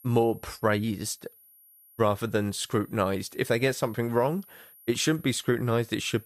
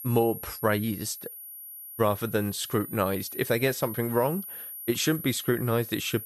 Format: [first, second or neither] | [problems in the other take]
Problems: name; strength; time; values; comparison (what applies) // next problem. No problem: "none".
first | high-pitched whine; loud; throughout; 11.5 kHz, 10 dB below the speech; faint in the first